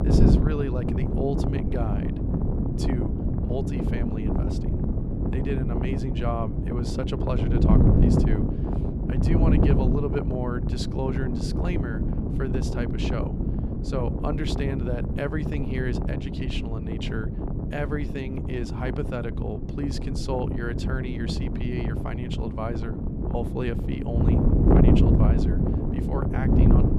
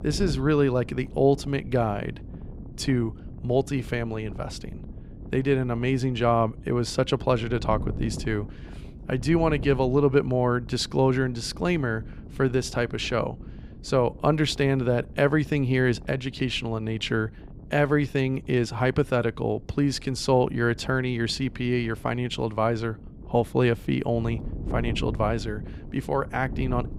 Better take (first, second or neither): second